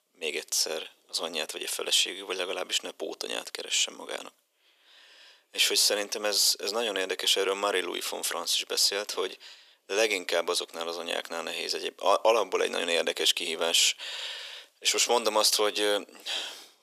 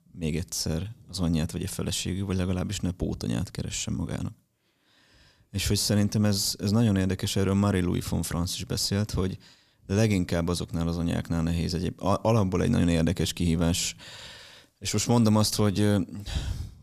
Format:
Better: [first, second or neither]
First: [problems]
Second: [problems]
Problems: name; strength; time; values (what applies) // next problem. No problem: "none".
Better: second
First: thin; very; fading below 400 Hz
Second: none